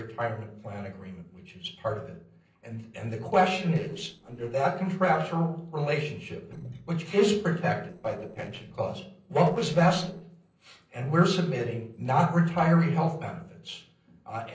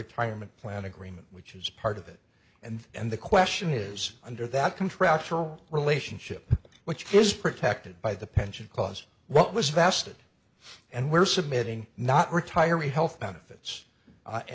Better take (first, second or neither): second